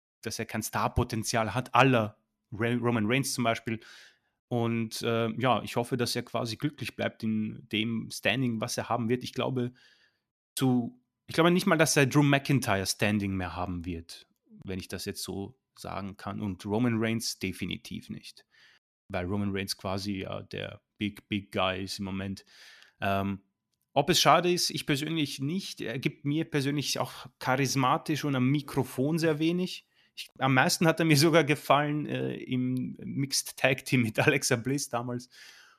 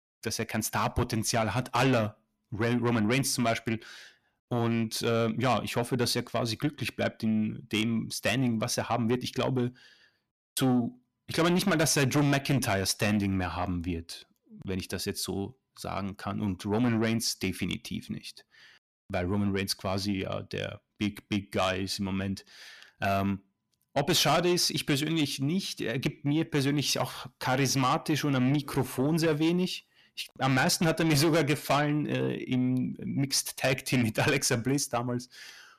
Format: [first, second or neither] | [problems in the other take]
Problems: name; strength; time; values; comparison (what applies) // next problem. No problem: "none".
first | distortion; heavy; 8 dB below the speech